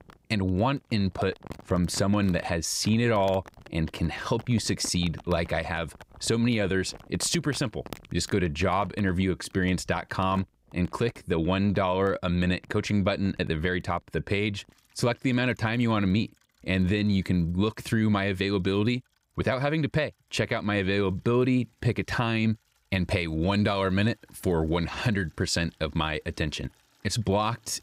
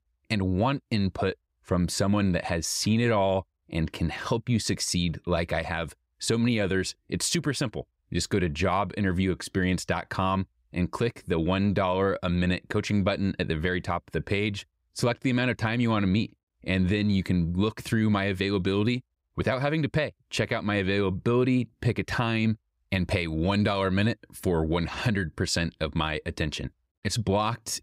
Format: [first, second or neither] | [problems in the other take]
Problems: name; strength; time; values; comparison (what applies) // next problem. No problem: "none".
second | household noises; faint; throughout; 25 dB below the speech